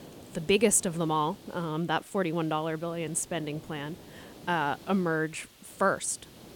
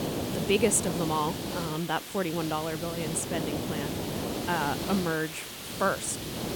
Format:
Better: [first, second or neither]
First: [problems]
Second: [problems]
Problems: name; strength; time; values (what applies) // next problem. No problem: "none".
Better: first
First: hiss; faint; throughout; 20 dB below the speech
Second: hiss; loud; throughout; 4 dB below the speech